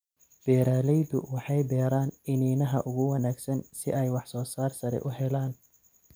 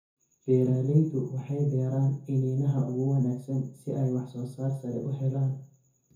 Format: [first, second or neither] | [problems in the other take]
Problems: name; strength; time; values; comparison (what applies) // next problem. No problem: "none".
first | room echo; dies away in 0.6 s